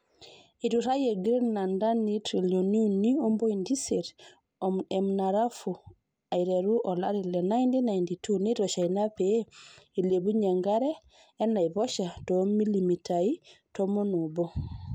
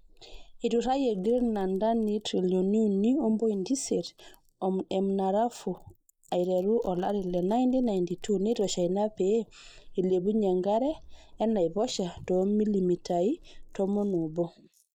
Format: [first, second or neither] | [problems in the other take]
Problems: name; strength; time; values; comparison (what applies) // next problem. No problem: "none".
first | noise reduction (neural mask model Resemble Enhance denoiser)